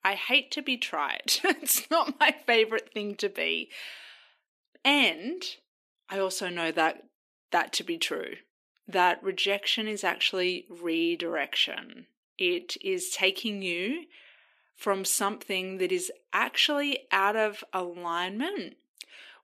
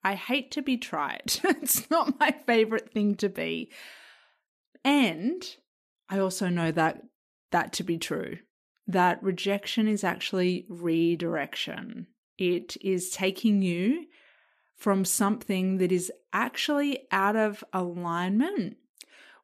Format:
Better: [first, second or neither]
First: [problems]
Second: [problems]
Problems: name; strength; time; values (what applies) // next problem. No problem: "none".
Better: second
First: thin; somewhat; fading below 350 Hz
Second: none